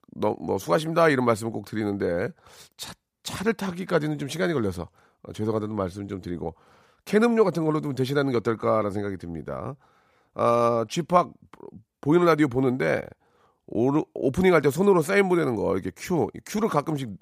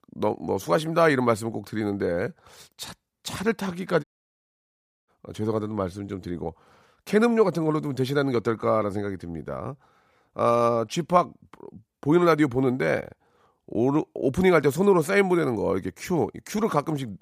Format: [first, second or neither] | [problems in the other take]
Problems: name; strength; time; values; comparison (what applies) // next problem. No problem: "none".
first | audio cutting out; at 4 s for 1 s